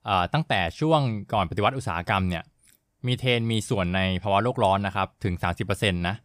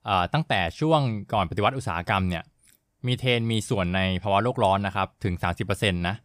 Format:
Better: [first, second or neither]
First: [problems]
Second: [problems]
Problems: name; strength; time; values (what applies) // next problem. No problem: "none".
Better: neither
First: none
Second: none